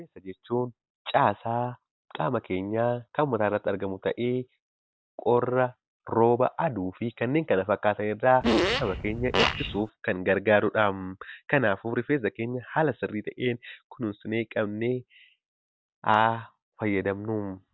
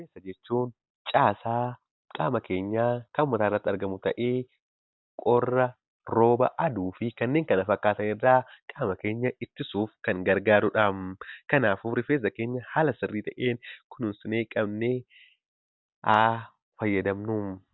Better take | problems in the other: second | background sound (Fart); 1 dB above the speech

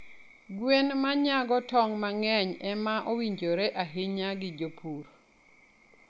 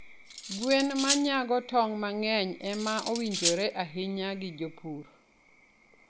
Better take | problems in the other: first | background sound (Cutlery, silverware); 4 dB below the speech

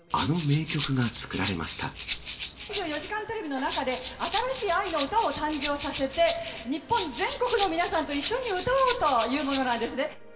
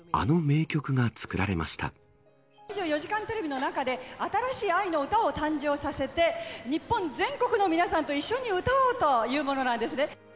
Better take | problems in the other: second | background sound (Rattle (instrument)); 10 dB below the speech // room echo; dies away in 0.7 s

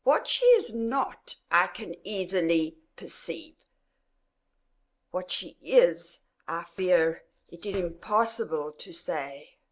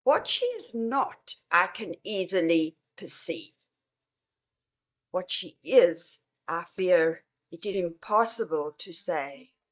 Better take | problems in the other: first | noise reduction (neural mask model DeepFilterNet 3)

